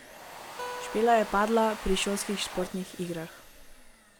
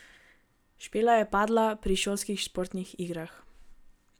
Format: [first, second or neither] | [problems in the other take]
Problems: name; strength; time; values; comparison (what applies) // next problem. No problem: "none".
second | background sound (Domestic sounds, home sounds + Acoustic guitar); 12 dB below the speech